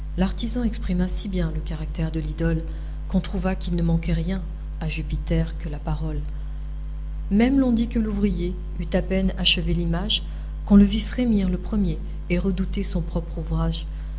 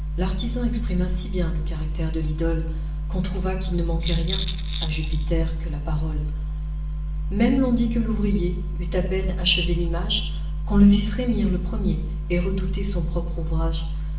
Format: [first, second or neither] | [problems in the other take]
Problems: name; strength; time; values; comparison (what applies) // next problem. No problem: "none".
first | background sound (Rattle); 13 dB below the speech // room echo; dies away in 0.7 s